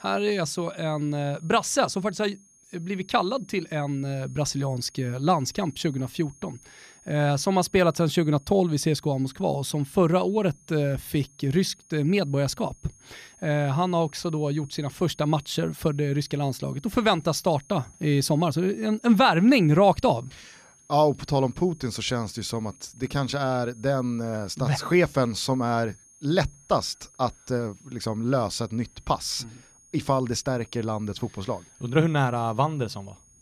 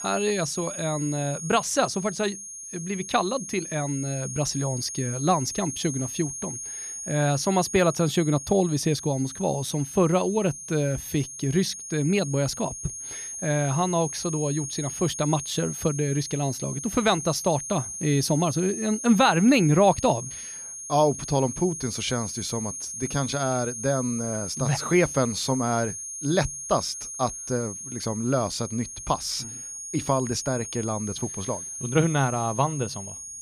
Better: first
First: high-pitched whine; faint; throughout; 6.5 kHz, 25 dB below the speech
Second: high-pitched whine; loud; throughout; 6.5 kHz, 8 dB below the speech

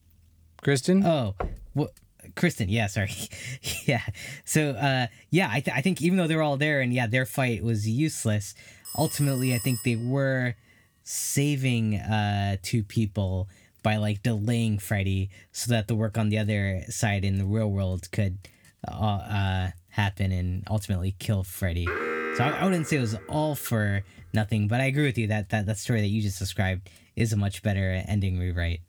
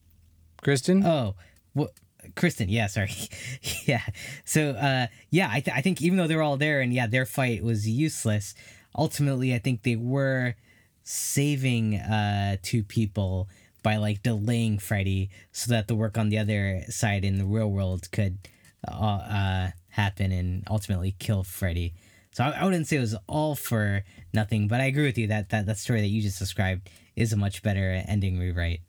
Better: second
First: door banging; noticeable; at 1.5 s; peak 9 dB below the speech // phone ringing; noticeable; from 9 to 10 s; peak 6 dB below the speech // alarm; noticeable; from 22 to 23 s; peak 2 dB below the speech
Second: none

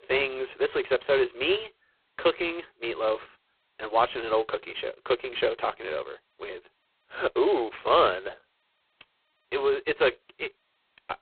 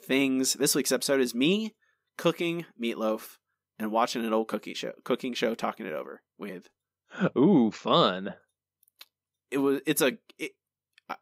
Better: second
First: phone-call audio; poor line; nothing above 4 kHz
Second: none

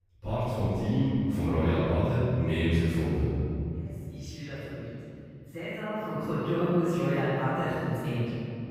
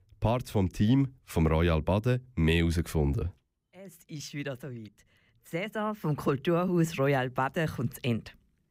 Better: second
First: off-mic speech; far // room echo; strong; dies away in 2.6 s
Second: none

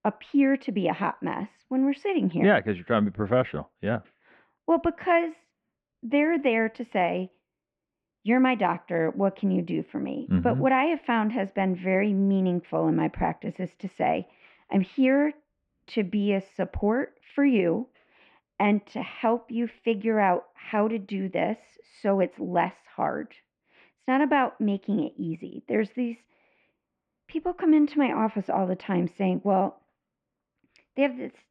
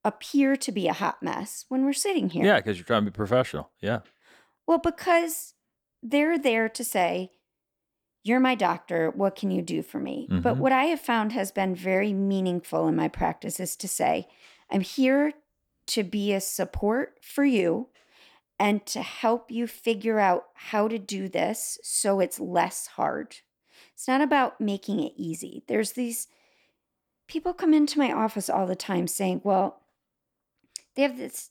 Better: second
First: muffled; very; fading above 2.5 kHz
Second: none

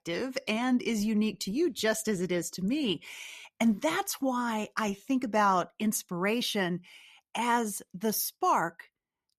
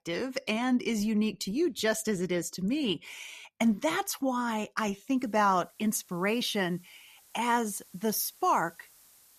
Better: first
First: none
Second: hiss; faint; from 5 s on; 25 dB below the speech

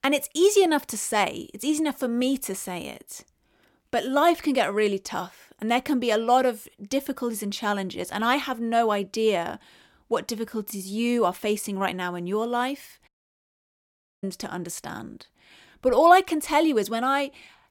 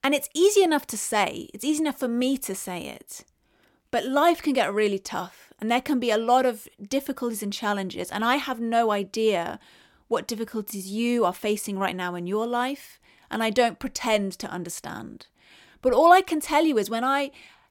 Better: second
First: audio cutting out; at 13 s for 1 s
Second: none

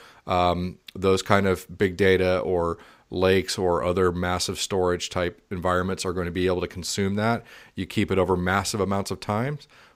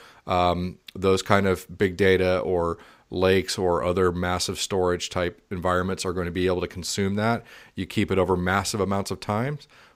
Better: neither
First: none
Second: none

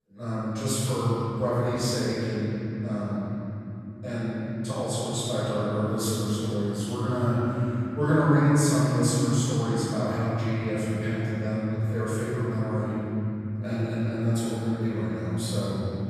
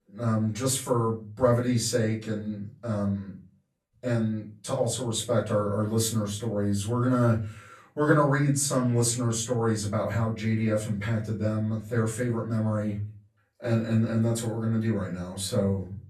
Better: second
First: room echo; strong; dies away in 3 s // off-mic speech; far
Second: room echo; slight; dies away in 0.3 s // off-mic speech; far

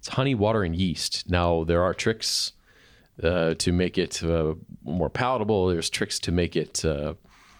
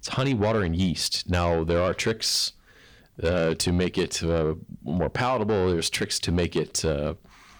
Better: first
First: none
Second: distortion; slight; 10 dB below the speech

